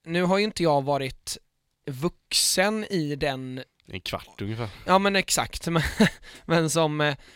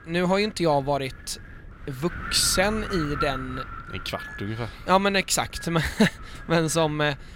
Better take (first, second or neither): first